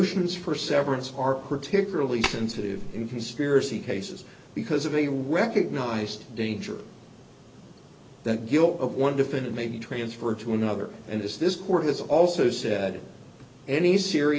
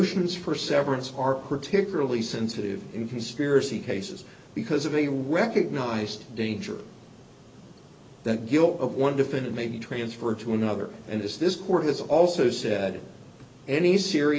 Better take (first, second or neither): second